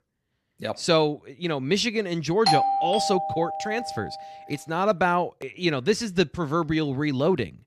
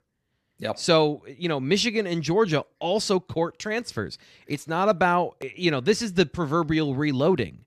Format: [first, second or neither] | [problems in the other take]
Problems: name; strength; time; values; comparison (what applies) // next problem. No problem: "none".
second | doorbell; loud; from 2.5 to 4 s; peak 4 dB above the speech